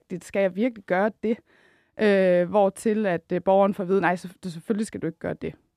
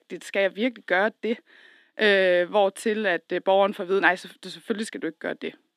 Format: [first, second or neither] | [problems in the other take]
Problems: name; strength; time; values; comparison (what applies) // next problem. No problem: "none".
first | thin; very slightly; fading below 250 Hz